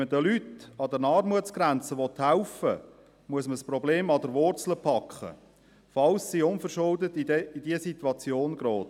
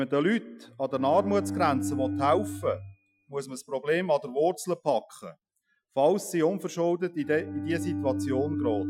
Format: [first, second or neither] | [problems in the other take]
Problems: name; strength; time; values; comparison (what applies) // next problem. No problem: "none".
first | noise reduction (classical method Wiener filter)